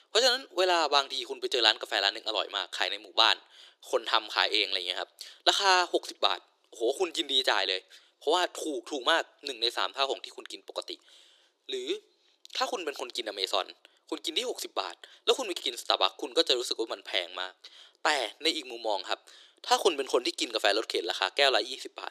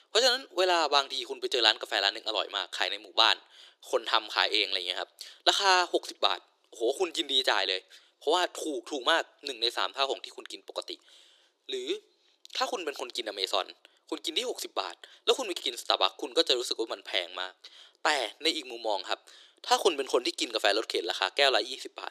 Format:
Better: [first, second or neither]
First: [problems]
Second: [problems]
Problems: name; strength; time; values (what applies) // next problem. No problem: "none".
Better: neither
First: thin; very; fading below 350 Hz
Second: thin; very; fading below 350 Hz